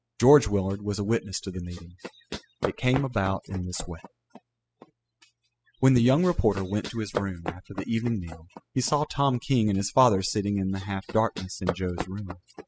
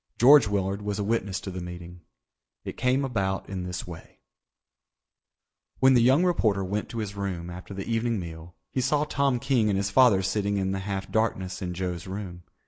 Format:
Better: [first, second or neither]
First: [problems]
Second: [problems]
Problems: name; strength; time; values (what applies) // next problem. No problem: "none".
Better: second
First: noise reduction (classical method spectral subtraction)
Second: none